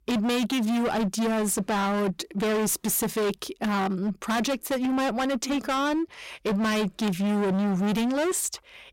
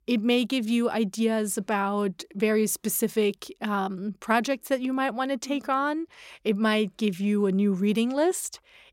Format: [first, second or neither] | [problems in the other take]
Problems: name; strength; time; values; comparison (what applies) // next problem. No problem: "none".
second | distortion; heavy; 35% of the sound clipped